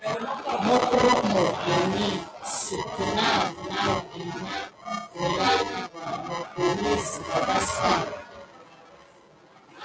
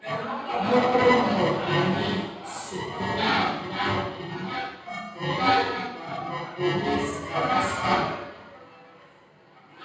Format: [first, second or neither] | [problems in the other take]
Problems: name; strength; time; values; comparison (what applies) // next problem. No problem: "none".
first | room echo; dies away in 0.9 s